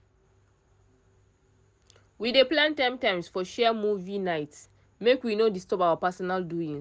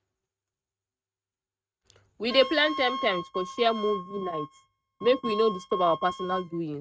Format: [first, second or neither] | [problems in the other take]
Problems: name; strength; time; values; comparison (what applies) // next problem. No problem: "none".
first | noise reduction (neural mask model RNNoise)